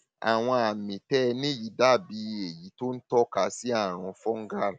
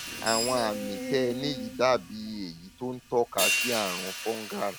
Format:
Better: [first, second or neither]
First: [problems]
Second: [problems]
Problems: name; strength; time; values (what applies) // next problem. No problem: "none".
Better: first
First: none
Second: background sound (Screech + Hi-hat); 4 dB below the speech